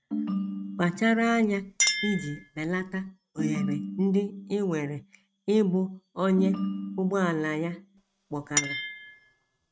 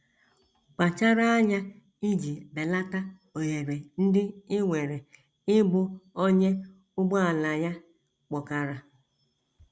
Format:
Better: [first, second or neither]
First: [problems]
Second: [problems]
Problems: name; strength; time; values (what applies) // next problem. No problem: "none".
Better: second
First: noise reduction (neural mask model RNNoise)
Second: none